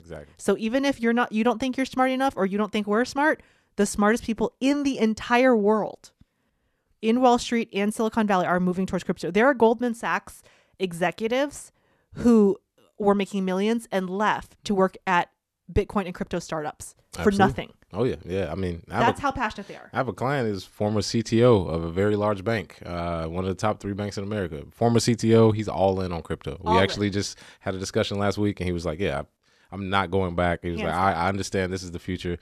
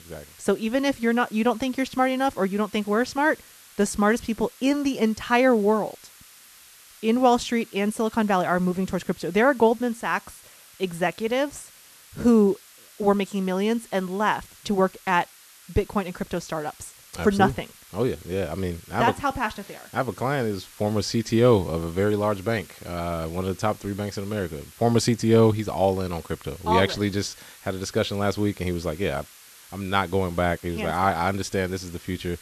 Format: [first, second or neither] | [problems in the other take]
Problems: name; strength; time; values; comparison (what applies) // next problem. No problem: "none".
first | hiss; faint; throughout; 20 dB below the speech